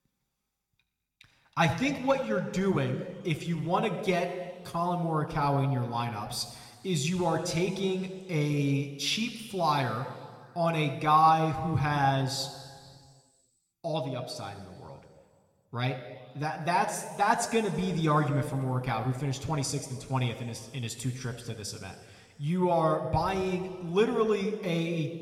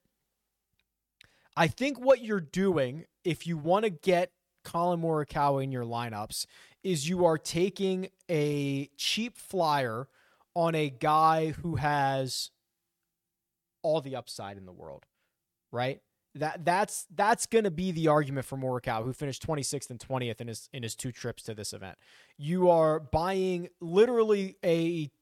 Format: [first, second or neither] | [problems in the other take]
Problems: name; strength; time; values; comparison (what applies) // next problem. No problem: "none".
second | room echo; slight; dies away in 2 s